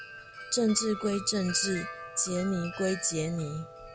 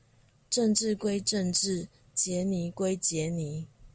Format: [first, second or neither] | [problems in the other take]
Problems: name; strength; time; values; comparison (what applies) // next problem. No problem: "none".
second | background sound (Wind chime); 12 dB below the speech